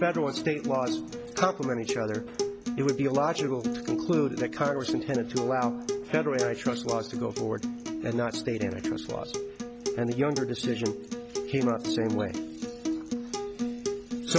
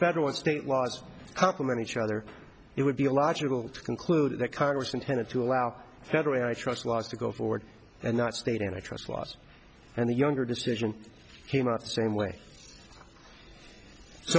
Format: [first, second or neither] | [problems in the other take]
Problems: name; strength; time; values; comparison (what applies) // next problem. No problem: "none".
second | background sound (Acoustic guitar); 3 dB below the speech